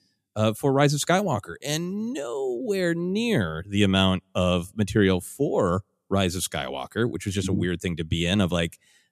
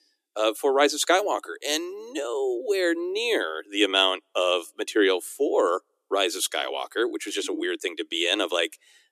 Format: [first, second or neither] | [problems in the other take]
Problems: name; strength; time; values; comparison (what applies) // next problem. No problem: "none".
first | thin; very; fading below 300 Hz